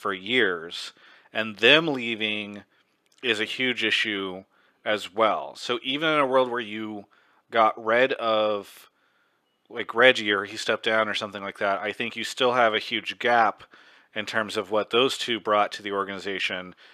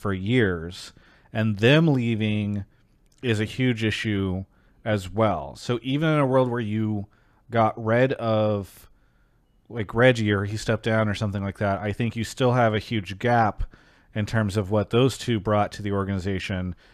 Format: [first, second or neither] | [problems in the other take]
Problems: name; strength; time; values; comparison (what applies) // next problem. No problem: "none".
second | thin; somewhat; fading below 400 Hz